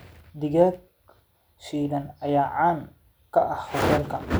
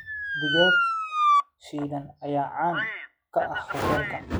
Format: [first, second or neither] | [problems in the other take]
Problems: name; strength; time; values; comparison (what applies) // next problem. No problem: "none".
first | noise reduction (classical method log-MMSE)